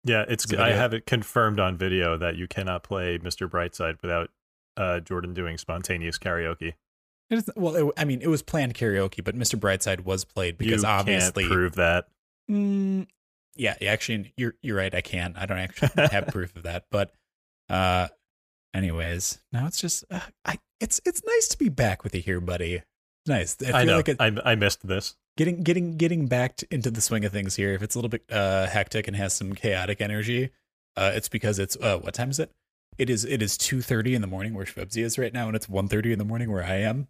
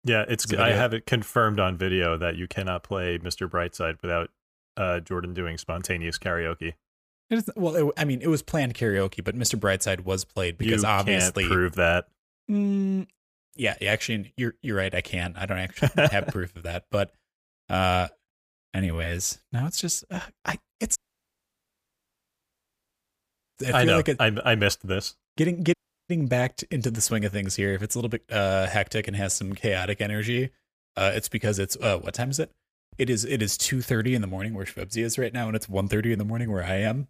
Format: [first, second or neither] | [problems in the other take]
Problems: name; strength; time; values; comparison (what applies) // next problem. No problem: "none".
first | audio cutting out; at 21 s for 2.5 s and at 26 s